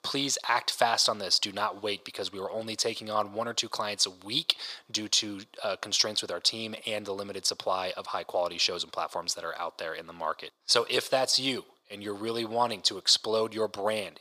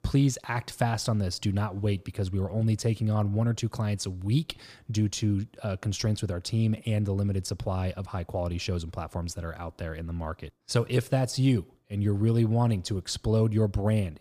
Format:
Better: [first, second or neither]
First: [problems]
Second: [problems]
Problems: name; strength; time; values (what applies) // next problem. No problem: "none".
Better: second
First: thin; very; fading below 600 Hz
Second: none